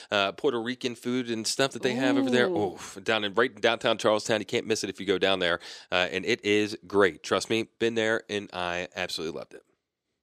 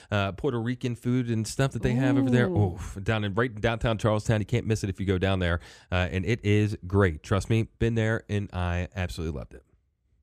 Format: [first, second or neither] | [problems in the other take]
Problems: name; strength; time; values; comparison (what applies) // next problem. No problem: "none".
second | thin; somewhat; fading below 350 Hz